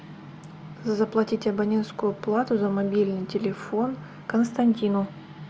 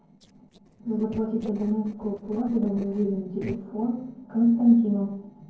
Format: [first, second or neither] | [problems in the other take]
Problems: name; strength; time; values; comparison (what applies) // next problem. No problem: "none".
first | noise reduction (neural separator model SepFormer DNS4)